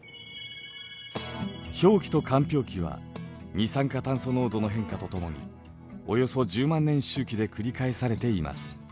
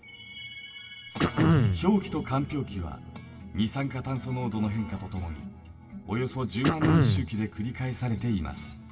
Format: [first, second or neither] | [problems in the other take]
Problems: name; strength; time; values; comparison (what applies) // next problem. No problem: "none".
first | background sound (Cough); 4 dB above the speech // room echo; dies away in 1.7 s